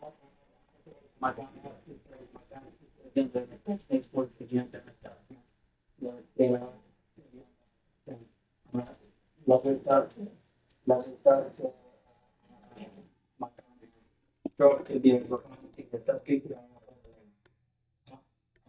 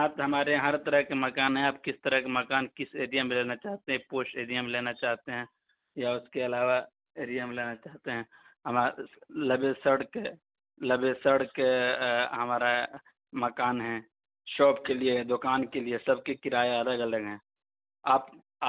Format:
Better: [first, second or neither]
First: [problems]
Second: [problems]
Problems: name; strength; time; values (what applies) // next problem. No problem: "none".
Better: second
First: noise reduction (neural mask model DeepFilterNet 3)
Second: none